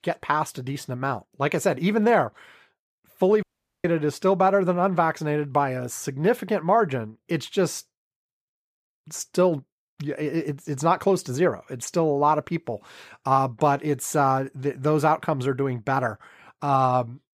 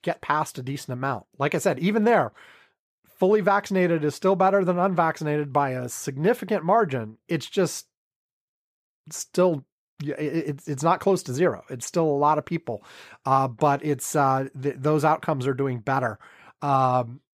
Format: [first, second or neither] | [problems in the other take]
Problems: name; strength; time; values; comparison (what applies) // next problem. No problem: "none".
second | audio cutting out; at 3.5 s